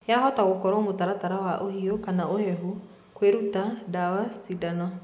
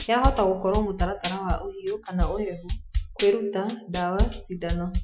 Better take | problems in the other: first | noise reduction (classical method Wiener filter)

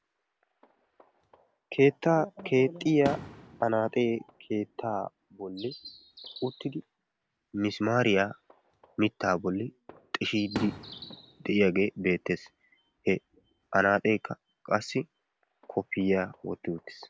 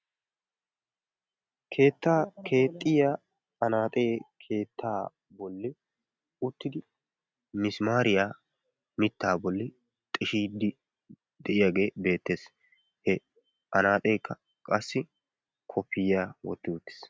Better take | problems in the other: second | background sound (Bird + Fireworks); 17 dB below the speech

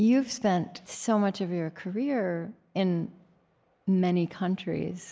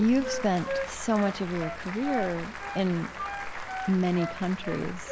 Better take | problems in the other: first | background sound (Wind instrument, woodwind instrument + Applause / Crowd); 7 dB below the speech

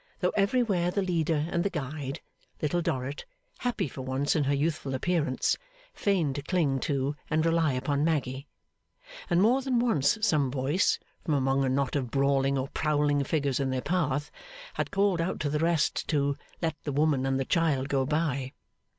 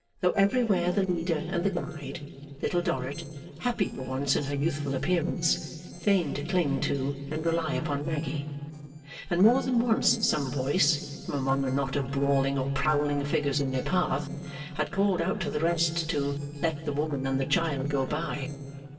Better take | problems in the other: first | noise reduction (neural separator model SepFormer DNS4)

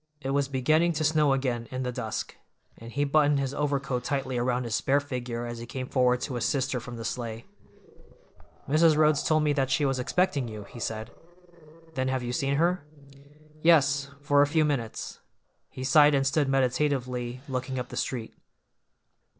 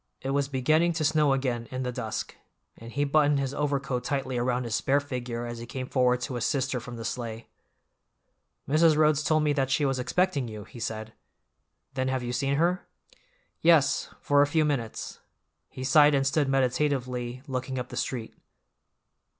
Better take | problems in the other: second | noise reduction (neural separator model SepFormer DNS4)

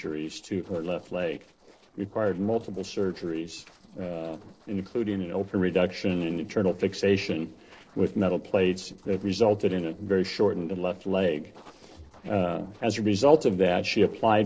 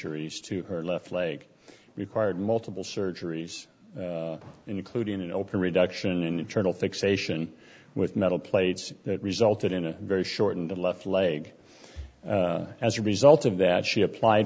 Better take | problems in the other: second | noise reduction (neural separator model SepFormer DNS4)

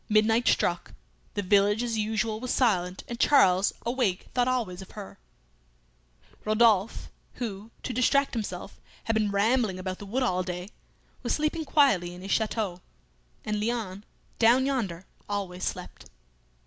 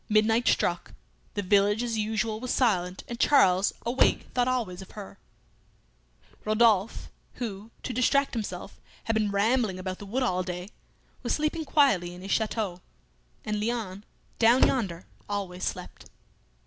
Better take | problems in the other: first | background sound (Slam); 4 dB below the speech

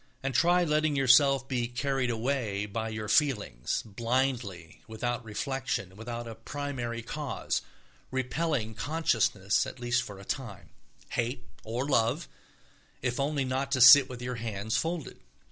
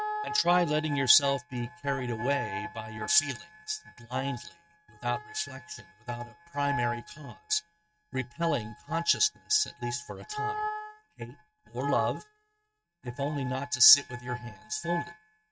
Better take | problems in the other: first | noise reduction (neural mask model RNNoise)

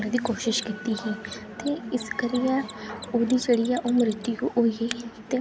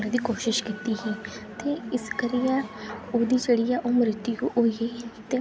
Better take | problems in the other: second | background sound (Mechanisms); 20 dB below the speech

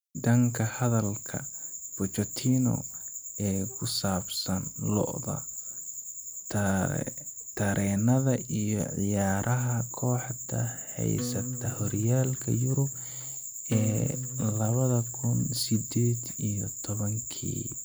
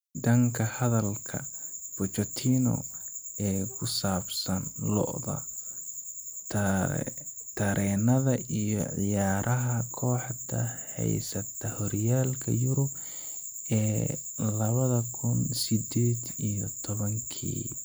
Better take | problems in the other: second | background sound (Acoustic guitar); 10 dB below the speech

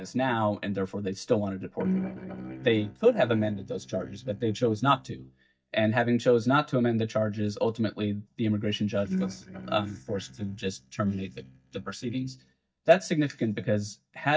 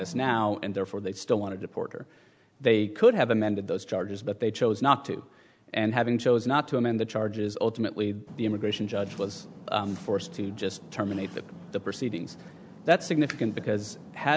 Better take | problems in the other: second | noise reduction (neural mask model DeepFilterNet 3)

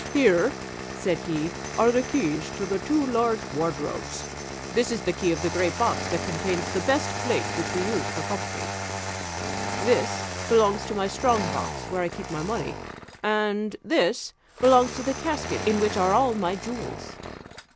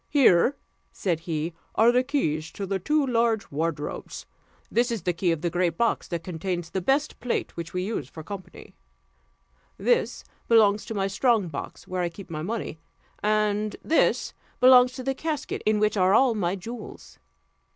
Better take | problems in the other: second | background sound (Engine starting); 7 dB below the speech

